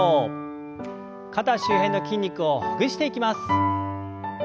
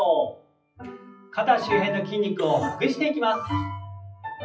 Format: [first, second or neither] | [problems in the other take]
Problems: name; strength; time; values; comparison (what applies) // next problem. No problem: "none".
first | noise reduction (classical method WPE with log-MMSE)